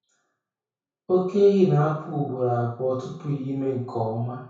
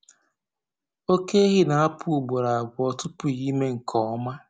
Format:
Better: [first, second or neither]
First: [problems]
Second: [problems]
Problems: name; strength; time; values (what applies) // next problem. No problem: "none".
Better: second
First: room echo; dies away in 0.6 s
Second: none